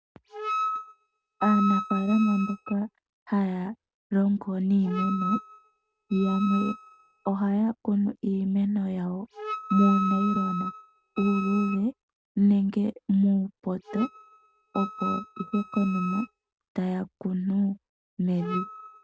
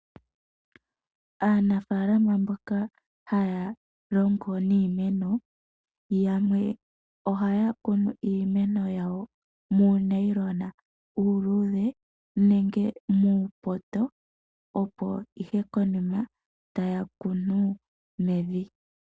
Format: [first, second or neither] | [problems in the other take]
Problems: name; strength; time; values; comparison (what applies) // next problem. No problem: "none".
second | noise reduction (neural mask model RNNoise)